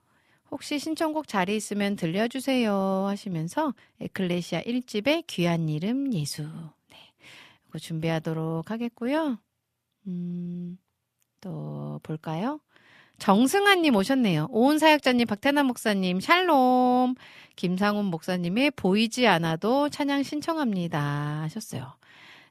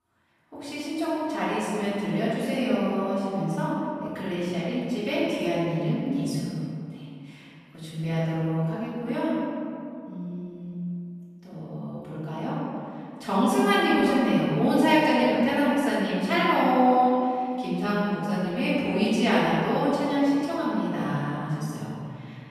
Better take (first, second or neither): first